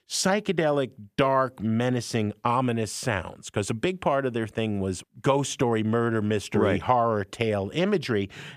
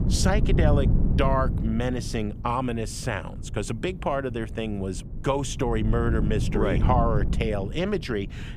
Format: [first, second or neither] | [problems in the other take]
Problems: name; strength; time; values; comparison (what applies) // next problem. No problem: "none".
first | wind noise on the microphone; occasional gusts; 10 dB below the speech